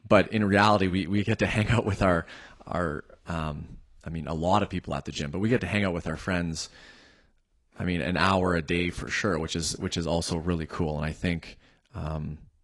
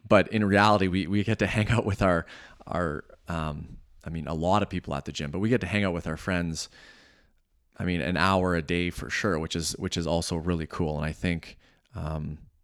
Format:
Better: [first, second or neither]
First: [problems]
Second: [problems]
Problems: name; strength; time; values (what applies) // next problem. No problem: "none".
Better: second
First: garbled, watery; slightly; nothing above 10.5 kHz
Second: none